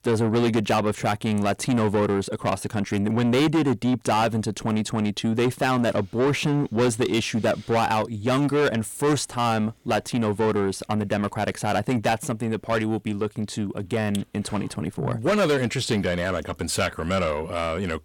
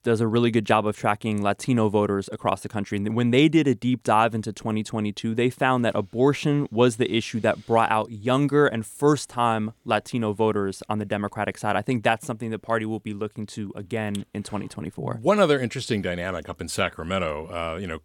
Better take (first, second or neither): second